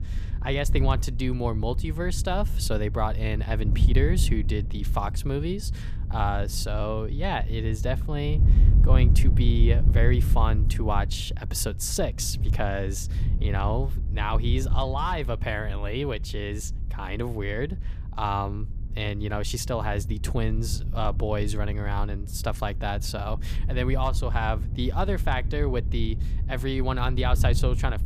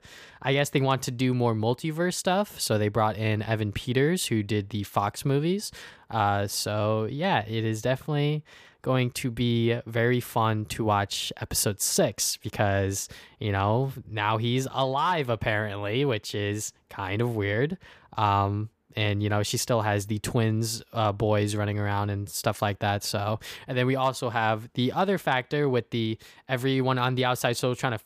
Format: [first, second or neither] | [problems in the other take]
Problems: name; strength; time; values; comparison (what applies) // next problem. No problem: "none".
second | wind noise on the microphone; occasional gusts; 15 dB below the speech